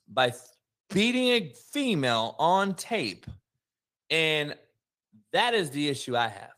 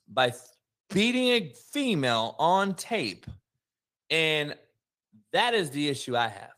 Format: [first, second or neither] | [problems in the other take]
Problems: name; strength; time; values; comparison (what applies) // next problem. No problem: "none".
neither | garbled, watery; slightly; nothing above 15 kHz; the same in both